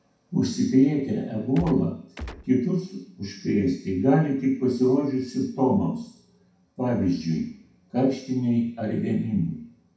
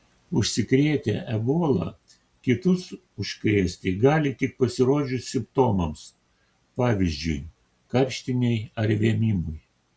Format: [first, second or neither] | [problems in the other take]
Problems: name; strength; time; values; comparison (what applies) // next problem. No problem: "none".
second | background sound (Gunshot, gunfire); 12 dB below the speech // room echo; dies away in 0.6 s